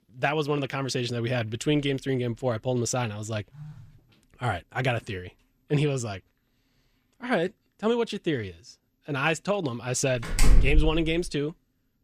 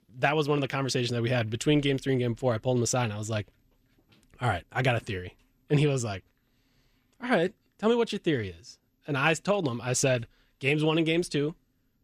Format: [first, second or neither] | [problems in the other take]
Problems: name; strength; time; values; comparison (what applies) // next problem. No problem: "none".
second | phone ringing; faint; at 3.5 s; peak 15 dB below the speech // door banging; loud; at 10 s; peak 5 dB above the speech